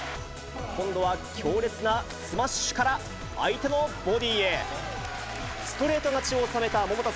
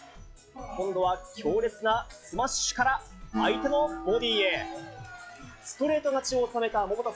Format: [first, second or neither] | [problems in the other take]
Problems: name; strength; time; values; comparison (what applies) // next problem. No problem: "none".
first | noise reduction (classical method log-MMSE)